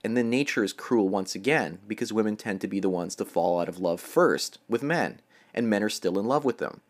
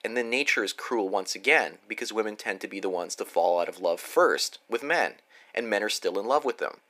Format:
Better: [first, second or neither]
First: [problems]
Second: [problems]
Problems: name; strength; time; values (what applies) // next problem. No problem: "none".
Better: first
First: none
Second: thin; somewhat; fading below 550 Hz